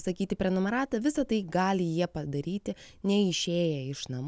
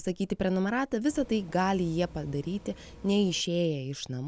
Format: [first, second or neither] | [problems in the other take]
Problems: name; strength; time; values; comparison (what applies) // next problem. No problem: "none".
first | background sound (Bus); 19 dB below the speech